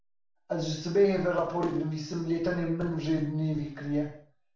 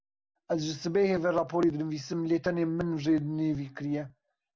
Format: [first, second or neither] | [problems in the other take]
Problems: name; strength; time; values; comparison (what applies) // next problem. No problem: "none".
second | room echo; dies away in 0.5 s